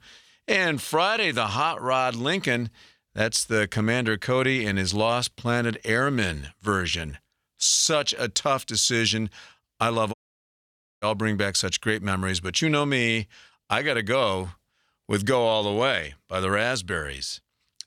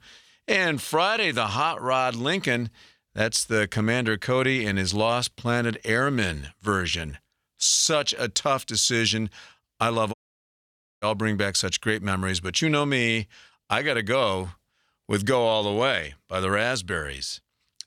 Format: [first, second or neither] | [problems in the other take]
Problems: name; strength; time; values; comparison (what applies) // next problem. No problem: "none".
neither | audio cutting out; at 10 s for 1 s; the same in both